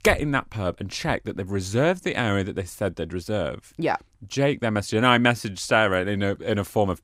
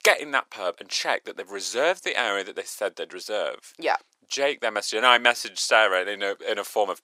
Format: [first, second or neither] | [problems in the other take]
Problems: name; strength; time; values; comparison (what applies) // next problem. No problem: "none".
first | thin; very; fading below 500 Hz